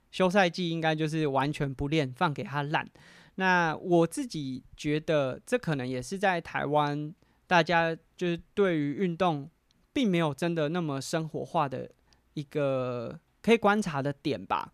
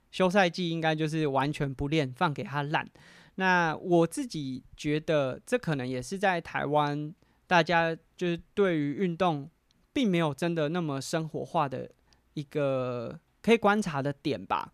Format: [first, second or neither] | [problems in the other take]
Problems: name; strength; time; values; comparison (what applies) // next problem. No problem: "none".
neither | none